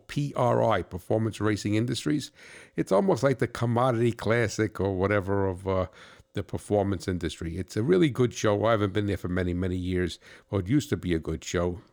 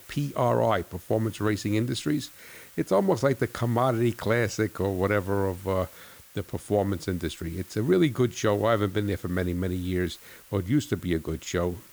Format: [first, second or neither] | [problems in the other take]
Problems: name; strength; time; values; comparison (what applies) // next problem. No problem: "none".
first | hiss; noticeable; throughout; 20 dB below the speech